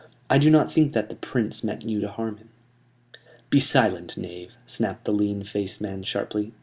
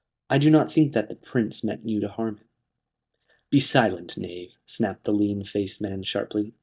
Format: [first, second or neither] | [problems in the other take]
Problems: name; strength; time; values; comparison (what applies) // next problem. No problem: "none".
first | noise reduction (neural mask model DeepFilterNet 3)